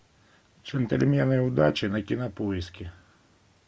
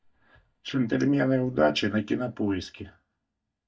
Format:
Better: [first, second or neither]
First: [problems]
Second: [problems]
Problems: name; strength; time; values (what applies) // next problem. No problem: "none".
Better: first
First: none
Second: noise reduction (neural mask model DeepFilterNet 3)